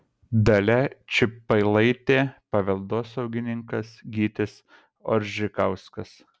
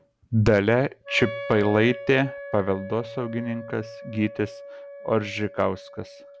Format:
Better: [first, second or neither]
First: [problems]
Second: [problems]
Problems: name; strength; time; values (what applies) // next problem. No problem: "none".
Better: first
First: none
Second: background sound (Wind instrument, woodwind instrument); 14 dB below the speech